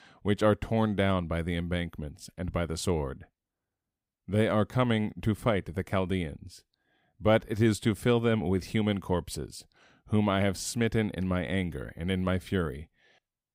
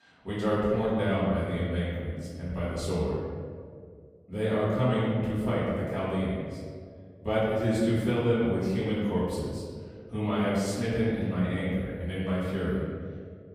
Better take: first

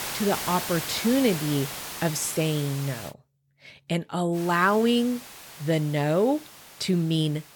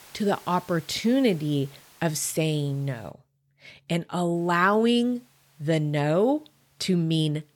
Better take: second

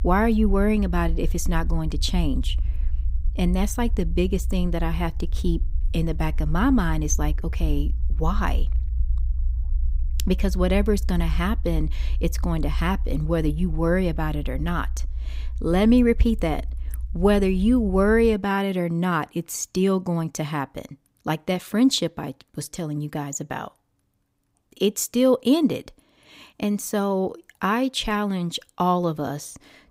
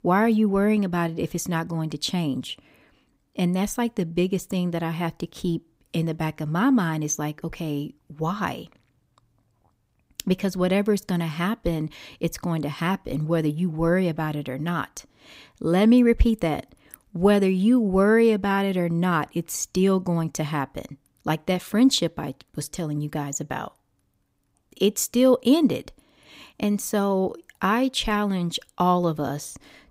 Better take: second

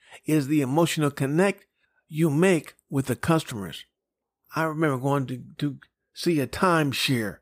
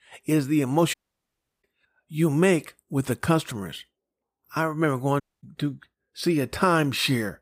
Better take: first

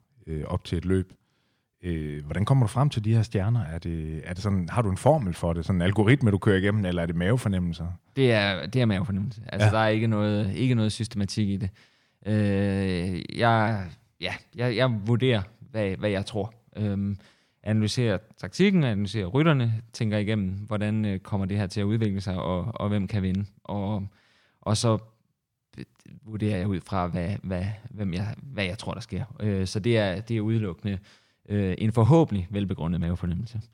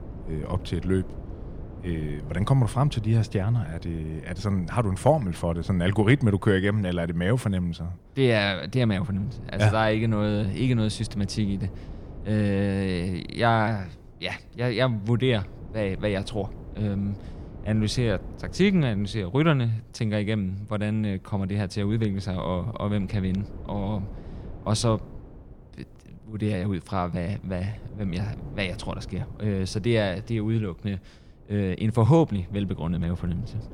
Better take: first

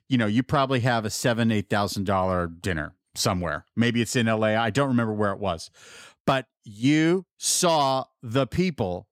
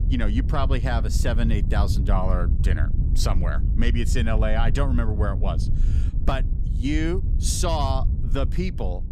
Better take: first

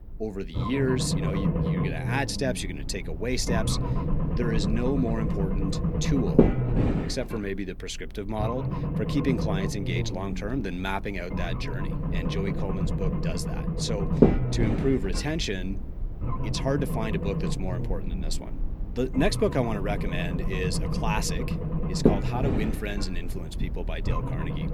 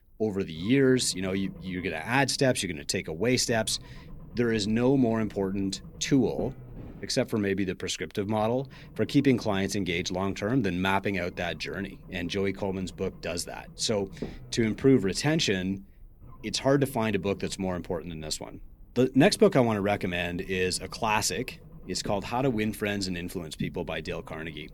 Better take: second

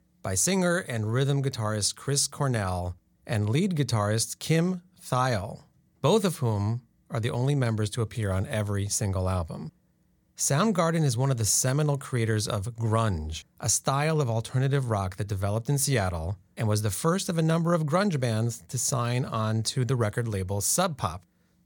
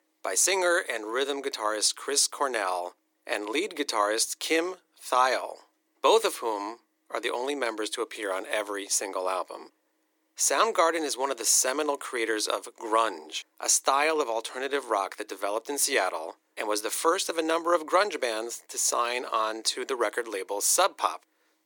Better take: first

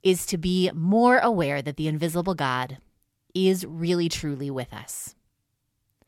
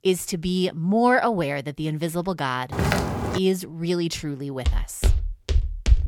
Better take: first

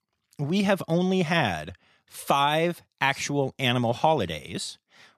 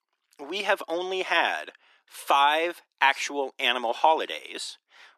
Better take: first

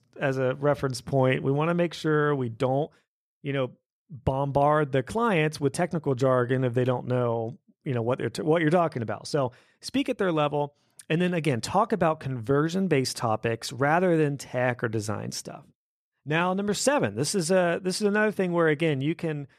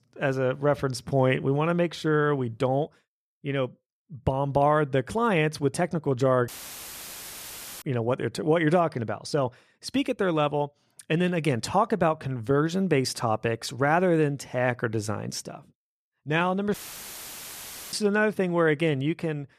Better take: first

